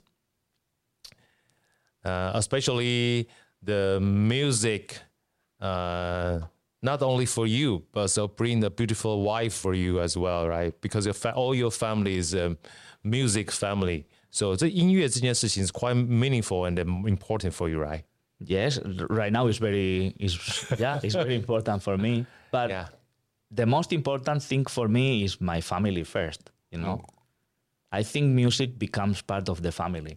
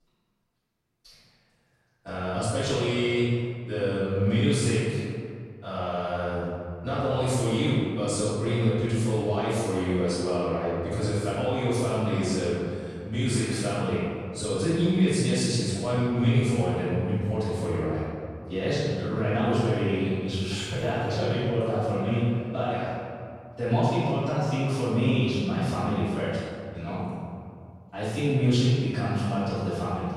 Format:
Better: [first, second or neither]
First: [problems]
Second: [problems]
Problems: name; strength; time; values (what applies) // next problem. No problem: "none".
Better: first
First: none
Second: off-mic speech; far // room echo; strong; dies away in 2.1 s